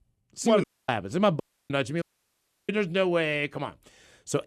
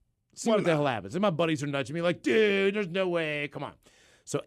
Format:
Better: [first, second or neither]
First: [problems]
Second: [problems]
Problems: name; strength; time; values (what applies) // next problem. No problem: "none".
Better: second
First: audio cutting out; at 0.5 s, at 1.5 s and at 2 s for 0.5 s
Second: none